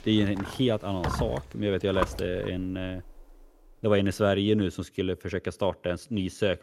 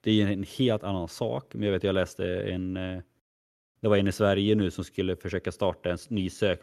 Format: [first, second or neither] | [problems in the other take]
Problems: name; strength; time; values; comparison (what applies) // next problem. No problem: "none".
second | animal sounds; loud; until 4 s; 8 dB below the speech